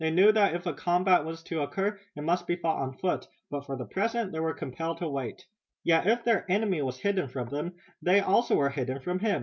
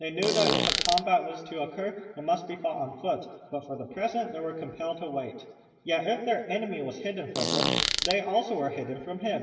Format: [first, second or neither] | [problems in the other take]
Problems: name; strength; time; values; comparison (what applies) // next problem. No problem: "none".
first | background sound (Fart); 2 dB above the speech // room echo; dies away in 2.4 s